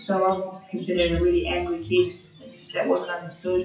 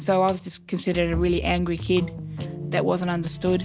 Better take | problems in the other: second | noise reduction (classical method WPE with log-MMSE)

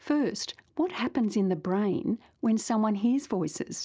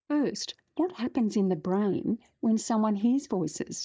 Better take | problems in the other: first | noise reduction (neural mask model DeepFilterNet 3)

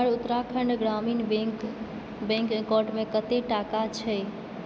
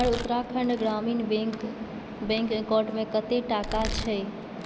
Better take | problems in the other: first | background sound (Domestic sounds, home sounds); 12 dB below the speech

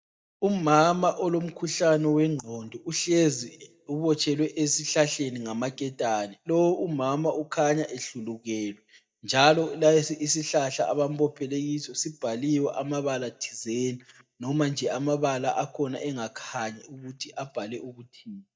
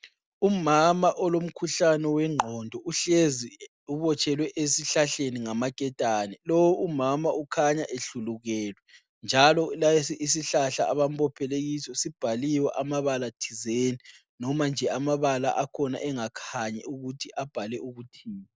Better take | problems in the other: second | noise reduction (neural mask model DeepFilterNet 3)

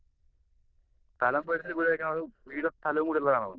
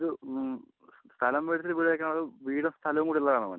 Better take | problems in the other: second | noise reduction (neural diffusion model UNIVERSE++)

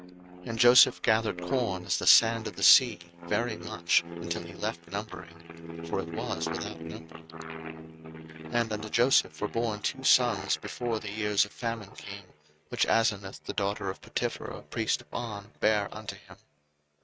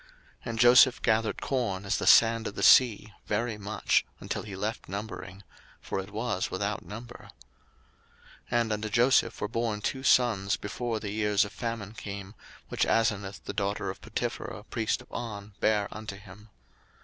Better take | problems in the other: second | noise reduction (neural mask model RNNoise)

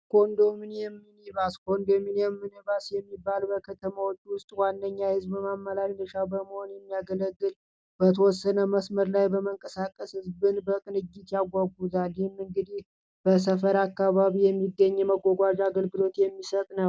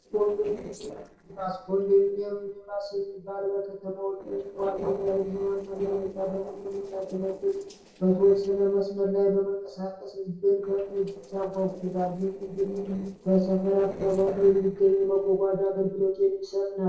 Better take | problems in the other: first | noise reduction (neural separator model SepFormer DNS4)

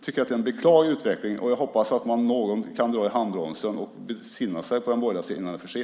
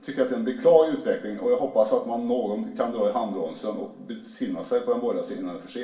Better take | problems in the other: first | room echo; dies away in 0.3 s

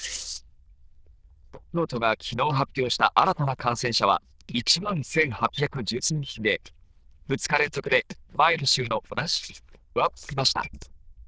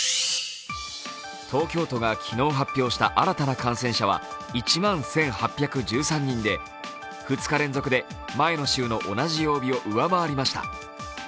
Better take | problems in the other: second | noise reduction (neural diffusion model UNIVERSE++)

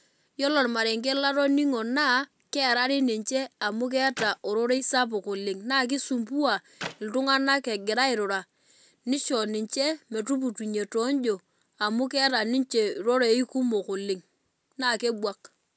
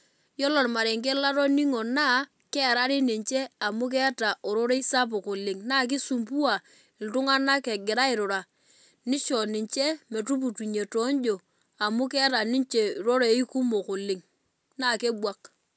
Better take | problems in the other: second | background sound (Clapping); 16 dB below the speech

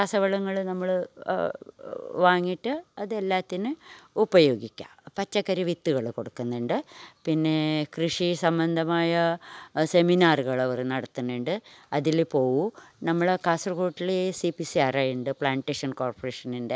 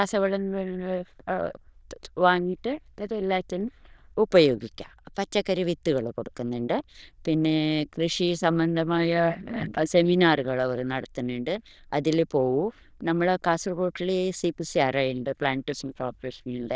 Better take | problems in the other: first | noise reduction (neural diffusion model UNIVERSE++)

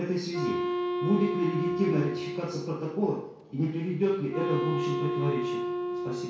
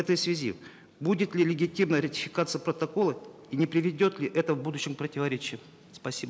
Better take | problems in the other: second | background sound (Wind instrument, woodwind instrument); 2 dB below the speech // room echo; dies away in 0.6 s

